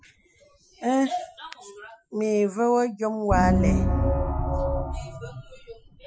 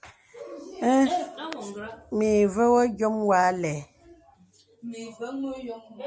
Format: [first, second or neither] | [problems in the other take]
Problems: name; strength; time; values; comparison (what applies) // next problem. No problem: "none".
second | noise reduction (classical method Wiener filter)